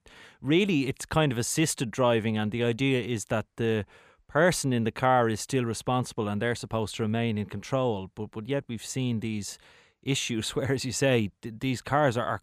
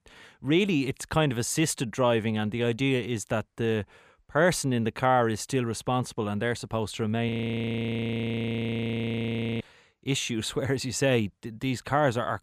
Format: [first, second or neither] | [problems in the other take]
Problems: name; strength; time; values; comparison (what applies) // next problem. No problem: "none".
first | audio freezing; at 7.5 s for 2.5 s